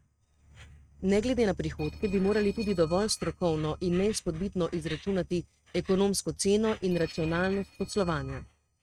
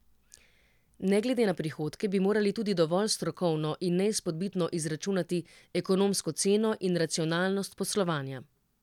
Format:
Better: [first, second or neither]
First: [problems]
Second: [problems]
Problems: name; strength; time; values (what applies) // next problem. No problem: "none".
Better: second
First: noise reduction (neural mask model RNNoise)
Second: none